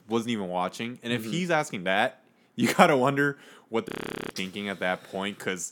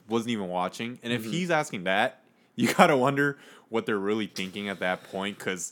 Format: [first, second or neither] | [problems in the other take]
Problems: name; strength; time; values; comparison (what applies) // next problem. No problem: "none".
second | audio freezing; at 4 s